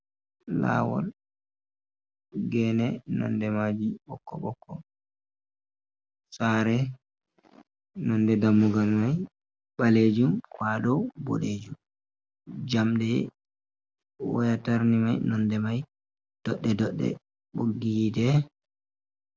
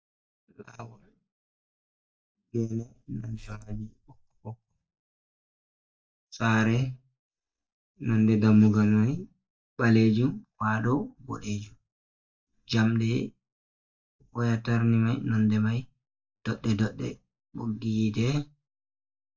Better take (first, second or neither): first